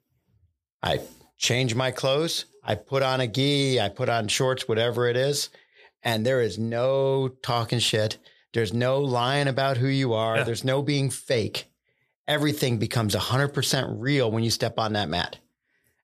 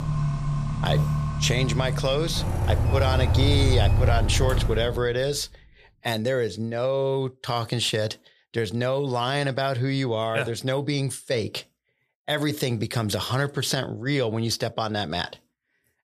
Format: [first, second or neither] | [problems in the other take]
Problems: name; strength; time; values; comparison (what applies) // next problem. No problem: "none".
first | traffic noise; very loud; until 4.5 s; 1 dB above the speech